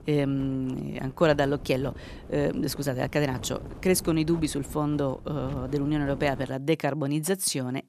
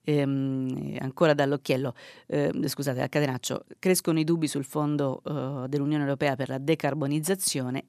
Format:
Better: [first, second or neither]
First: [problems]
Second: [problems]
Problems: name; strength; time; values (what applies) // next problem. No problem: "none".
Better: second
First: wind noise on the microphone; occasional gusts; until 6.5 s; 20 dB below the speech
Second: none